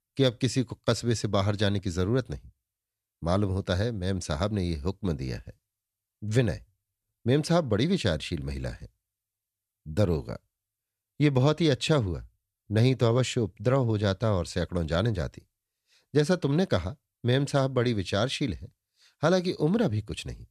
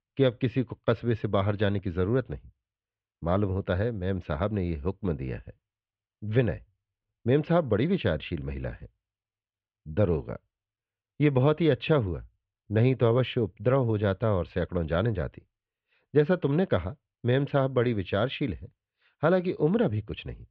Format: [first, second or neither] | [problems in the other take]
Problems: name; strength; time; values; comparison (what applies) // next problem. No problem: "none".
first | muffled; very; fading above 3 kHz